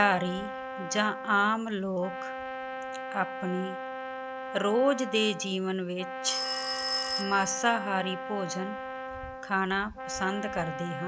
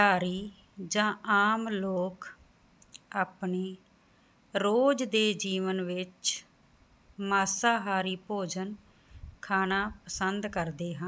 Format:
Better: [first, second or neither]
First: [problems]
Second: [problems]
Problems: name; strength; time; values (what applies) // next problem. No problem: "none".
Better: second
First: background sound (Brass instrument + Telephone); 6 dB below the speech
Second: none